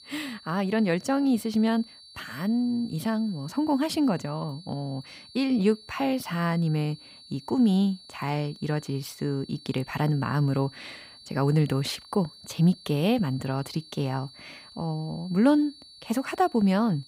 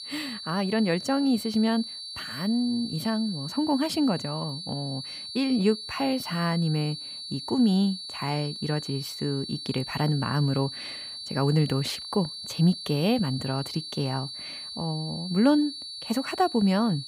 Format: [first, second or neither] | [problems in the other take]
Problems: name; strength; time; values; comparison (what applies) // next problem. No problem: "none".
first | high-pitched whine; loud; throughout; 4.5 kHz, 8 dB below the speech; faint in the first